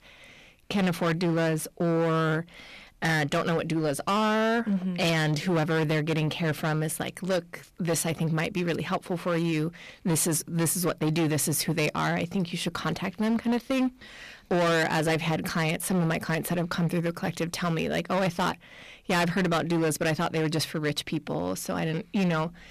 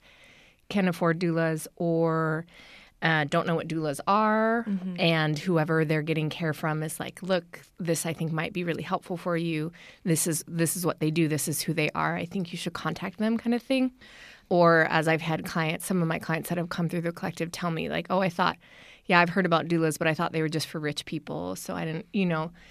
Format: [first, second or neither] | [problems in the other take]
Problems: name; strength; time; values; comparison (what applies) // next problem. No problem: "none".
second | distortion; heavy; 15% of the sound clipped